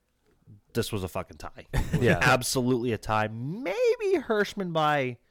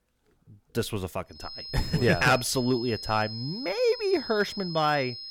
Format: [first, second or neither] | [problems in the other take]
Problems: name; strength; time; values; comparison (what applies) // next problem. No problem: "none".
first | high-pitched whine; loud; from 1.5 s on; 5 kHz, 10 dB below the speech